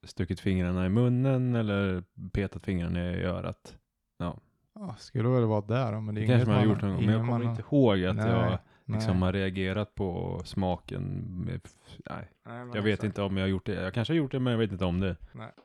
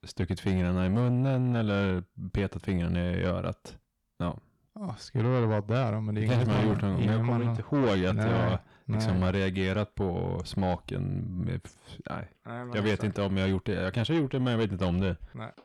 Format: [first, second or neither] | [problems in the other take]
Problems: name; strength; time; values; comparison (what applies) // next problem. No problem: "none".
first | distortion; slight; 10 dB below the speech